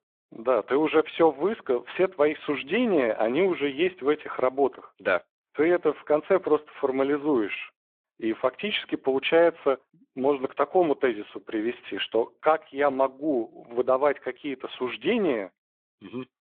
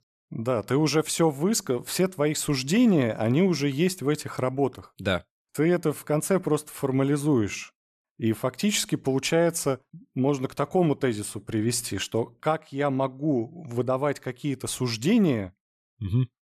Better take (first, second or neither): second